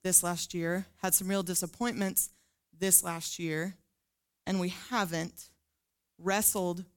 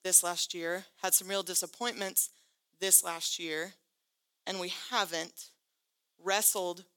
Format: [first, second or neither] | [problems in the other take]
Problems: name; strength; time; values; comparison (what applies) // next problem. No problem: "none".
first | thin; somewhat; fading below 450 Hz